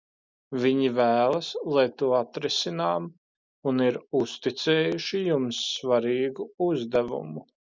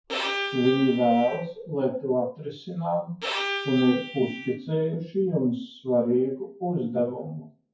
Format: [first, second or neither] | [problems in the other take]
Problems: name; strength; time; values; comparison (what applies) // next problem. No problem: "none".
first | noise reduction (classical method WPE with log-MMSE)